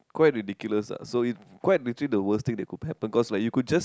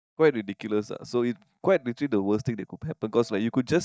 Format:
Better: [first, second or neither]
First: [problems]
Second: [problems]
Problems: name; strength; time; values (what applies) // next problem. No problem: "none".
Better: first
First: none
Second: noise reduction (neural mask model DeepFilterNet 3)